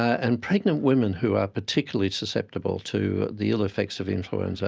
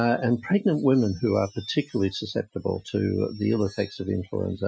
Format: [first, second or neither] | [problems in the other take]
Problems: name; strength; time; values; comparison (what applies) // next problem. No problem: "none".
first | noise reduction (classical method Wiener filter)